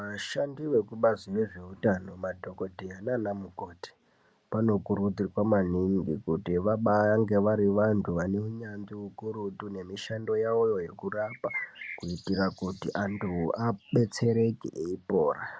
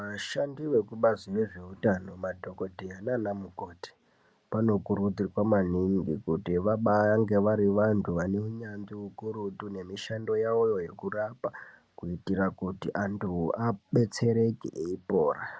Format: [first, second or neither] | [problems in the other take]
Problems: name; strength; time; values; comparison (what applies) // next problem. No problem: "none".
second | background sound (Bird); 16 dB below the speech